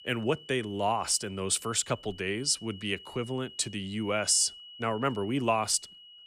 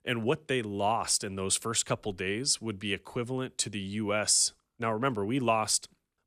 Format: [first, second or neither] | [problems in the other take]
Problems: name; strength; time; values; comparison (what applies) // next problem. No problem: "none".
second | high-pitched whine; noticeable; throughout; 3 kHz, 20 dB below the speech